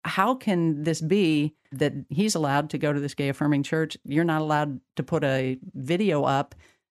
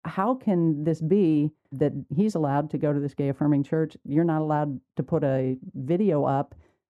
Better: first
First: none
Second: muffled; very; fading above 1.5 kHz

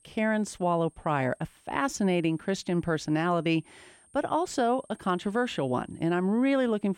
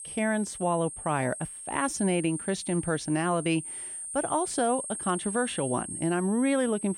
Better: first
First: high-pitched whine; faint; throughout; 8.5 kHz, 30 dB below the speech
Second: high-pitched whine; loud; throughout; 8.5 kHz, 7 dB below the speech

